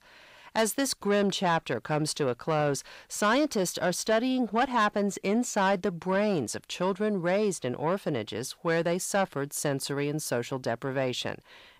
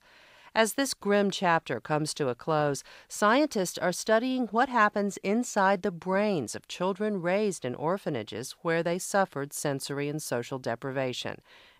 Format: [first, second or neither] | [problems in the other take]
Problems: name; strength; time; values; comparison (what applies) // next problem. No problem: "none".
second | distortion; slight; 10 dB below the speech